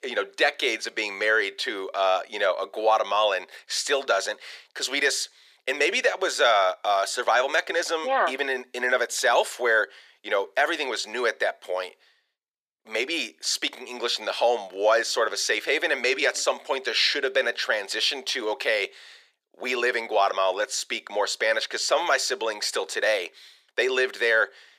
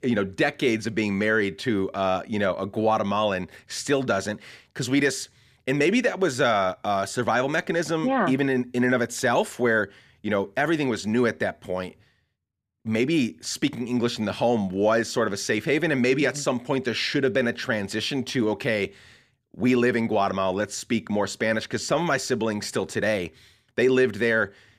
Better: second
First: thin; very; fading below 450 Hz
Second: none

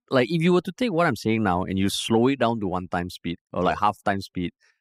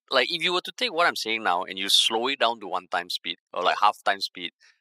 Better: first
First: none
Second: thin; very; fading below 650 Hz

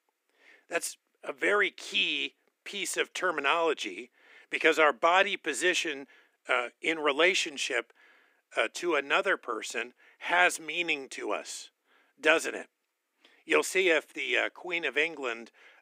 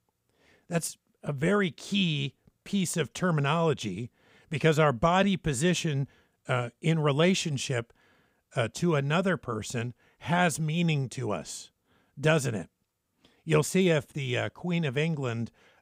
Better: second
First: thin; very; fading below 300 Hz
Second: none

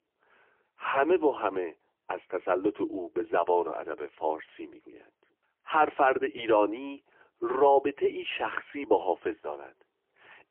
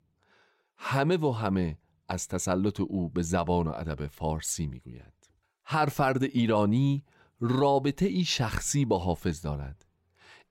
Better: second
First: phone-call audio; poor line; nothing above 3 kHz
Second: none

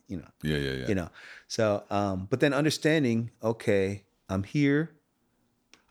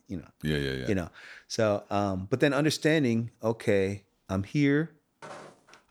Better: first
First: none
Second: footsteps; faint; at 5 s; peak 15 dB below the speech

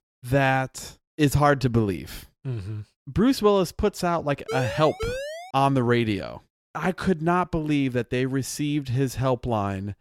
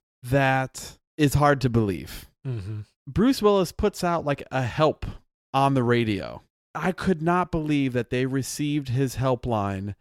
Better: second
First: siren; noticeable; from 4.5 to 5.5 s; peak 7 dB below the speech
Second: none

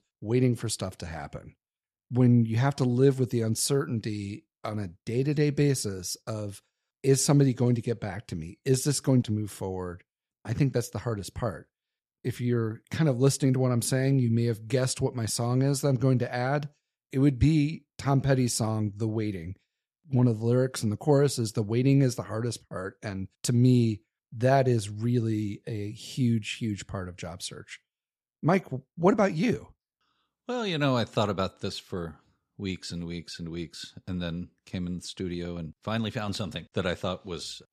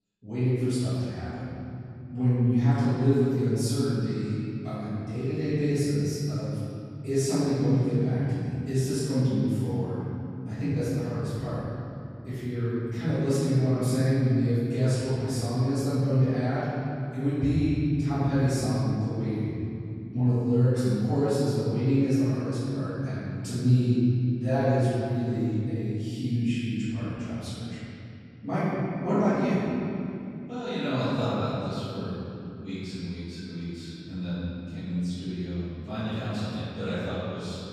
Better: first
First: none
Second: off-mic speech; far // room echo; strong; dies away in 3 s

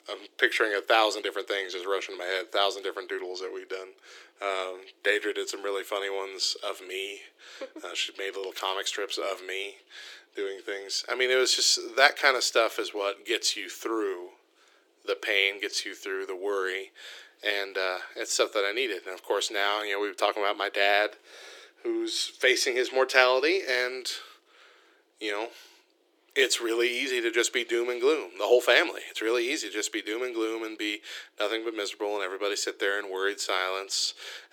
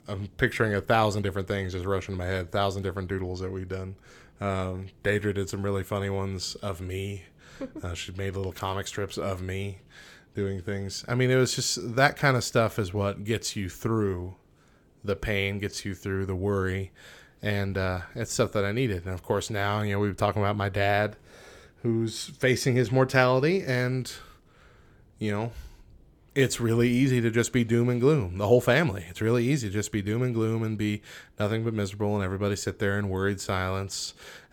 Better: second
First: thin; very; fading below 350 Hz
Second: none

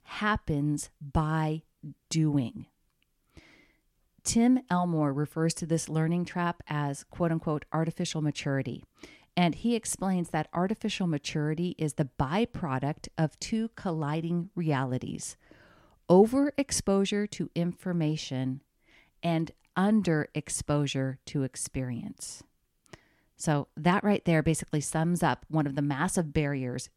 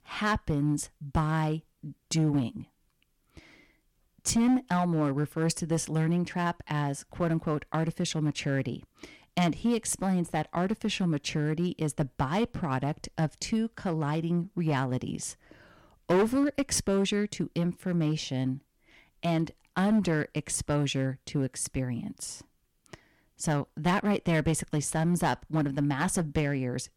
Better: first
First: none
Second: distortion; slight; 5% of the sound clipped

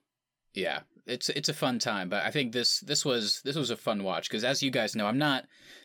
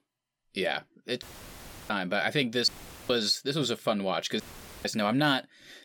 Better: first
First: none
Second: audio cutting out; filled with static; at 1 s for 0.5 s, at 2.5 s and at 4.5 s

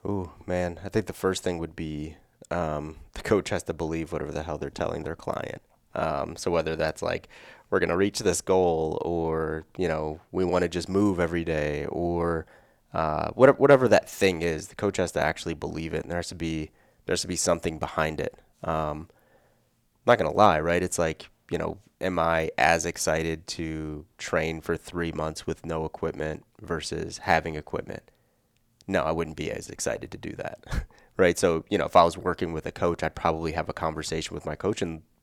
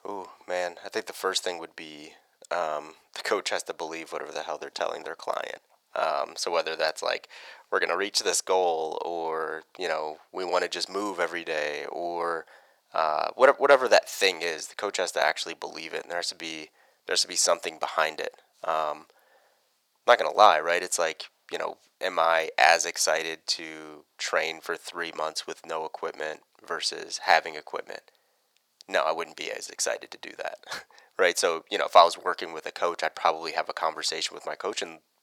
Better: first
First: none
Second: thin; very; fading below 700 Hz

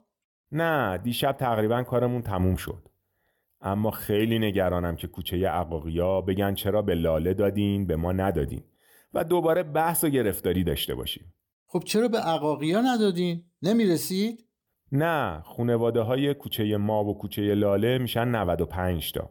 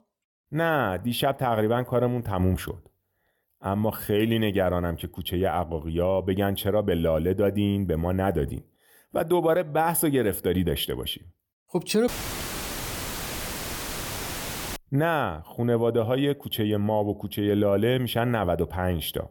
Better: first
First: none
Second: audio cutting out; filled with static; at 12 s for 2.5 s

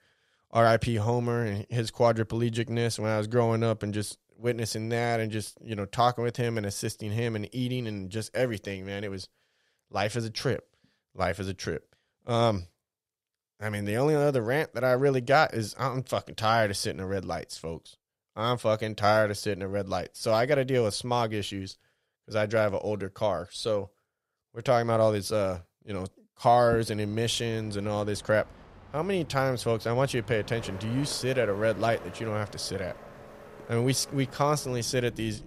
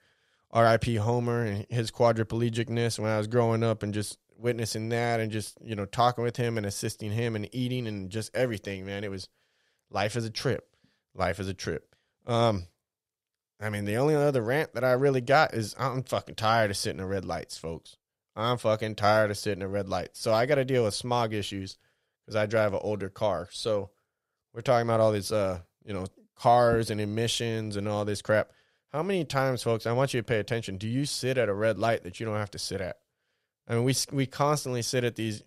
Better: second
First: train or aircraft noise; noticeable; from 27 s on; 20 dB below the speech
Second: none

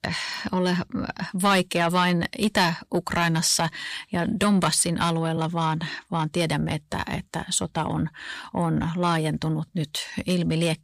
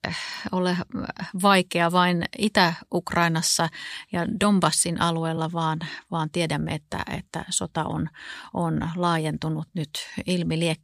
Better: second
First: distortion; slight; 10 dB below the speech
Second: none

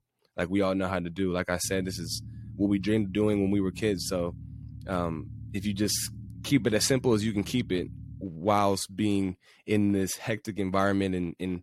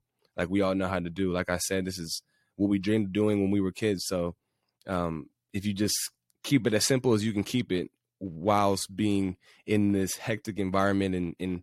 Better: second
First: low rumble; faint; from 1.5 to 8 s; 25 dB below the speech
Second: none

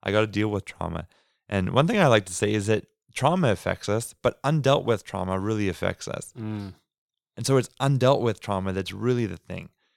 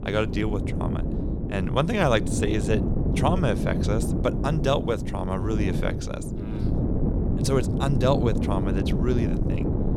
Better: first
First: none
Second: wind noise on the microphone; heavy; 6 dB below the speech

